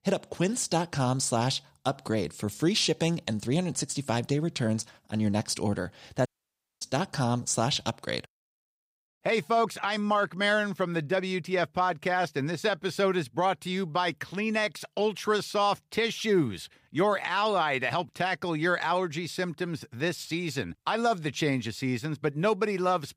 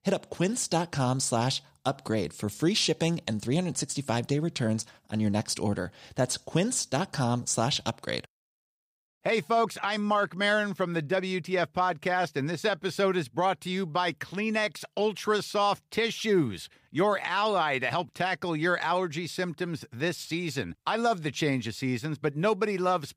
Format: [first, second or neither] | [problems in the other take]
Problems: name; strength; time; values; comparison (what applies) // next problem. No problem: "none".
second | audio cutting out; at 6.5 s for 0.5 s